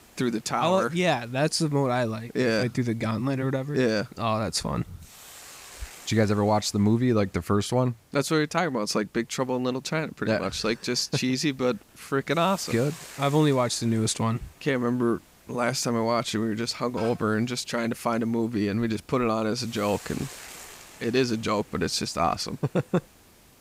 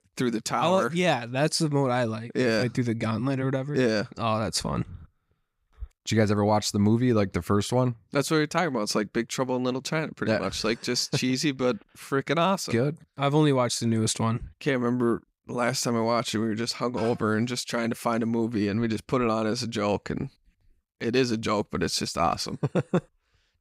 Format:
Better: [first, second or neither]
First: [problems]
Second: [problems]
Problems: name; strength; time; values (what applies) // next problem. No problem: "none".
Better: second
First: hiss; faint; throughout; 20 dB below the speech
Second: none